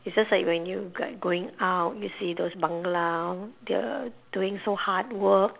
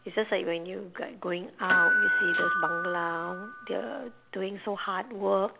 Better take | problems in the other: first | background sound (Door / Bell); 1 dB above the speech

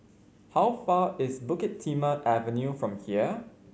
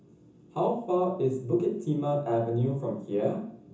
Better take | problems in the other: first | room echo; dies away in 0.6 s

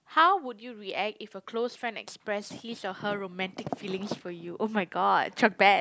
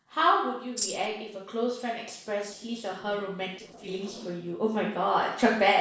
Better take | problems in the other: first | noise reduction (neural separator model SepFormer DNS4)

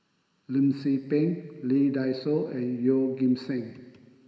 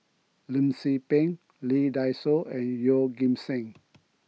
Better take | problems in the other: second | room echo; dies away in 3 s

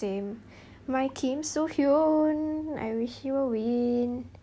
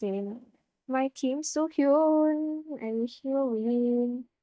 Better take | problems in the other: first | noise reduction (neural mask model DeepFilterNet 3)

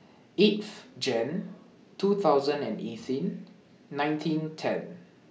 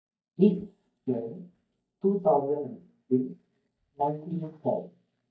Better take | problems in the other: first | noise reduction (neural mask model DeepFilterNet 3)

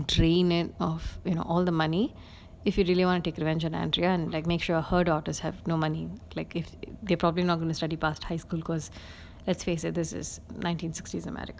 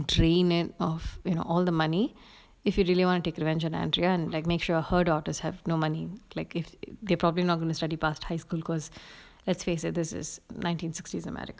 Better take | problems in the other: second | background sound (Car); 19 dB below the speech

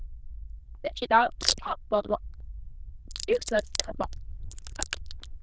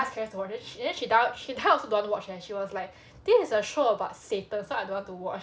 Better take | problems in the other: second | noise reduction (neural diffusion model UNIVERSE++)

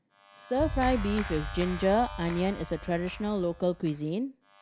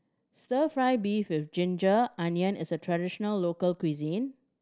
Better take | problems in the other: second | background sound (Clapping); 9 dB below the speech

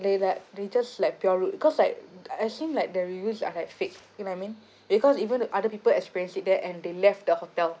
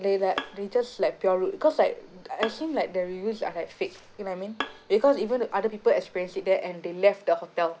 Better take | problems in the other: first | background sound (Bowed string instrument); 15 dB below the speech

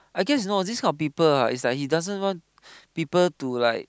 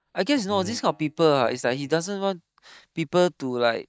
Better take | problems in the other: first | noise reduction (neural mask model DeepFilterNet 3)

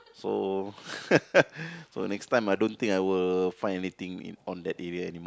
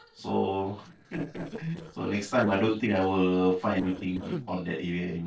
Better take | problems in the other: first | noise reduction (neural separator model SepFormer DNS4)

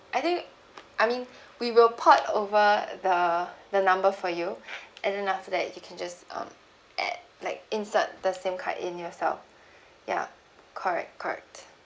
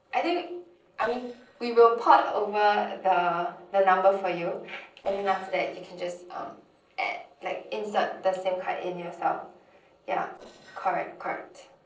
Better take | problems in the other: first | noise reduction (neural separator model SepFormer DNS4)

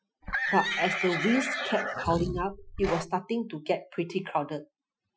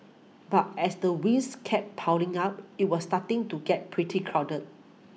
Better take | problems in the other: second | noise reduction (classical method Wiener filter)

